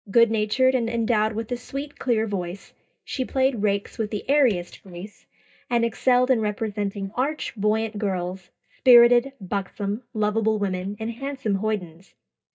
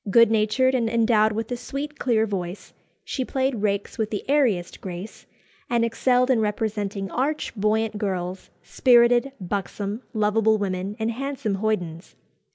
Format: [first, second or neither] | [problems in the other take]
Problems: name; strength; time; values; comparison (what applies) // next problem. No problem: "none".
second | noise reduction (neural mask model DeepFilterNet 3)